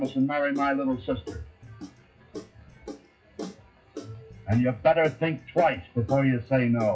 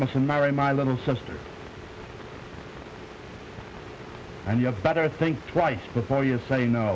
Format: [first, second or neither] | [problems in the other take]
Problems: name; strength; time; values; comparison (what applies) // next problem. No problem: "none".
second | noise reduction (classical method WPE with log-MMSE)